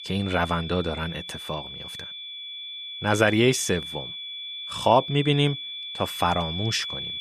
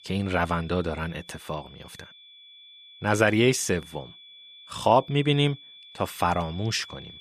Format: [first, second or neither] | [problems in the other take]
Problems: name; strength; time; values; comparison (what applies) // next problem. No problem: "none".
second | high-pitched whine; loud; throughout; 3.5 kHz, 9 dB below the speech; faint in the second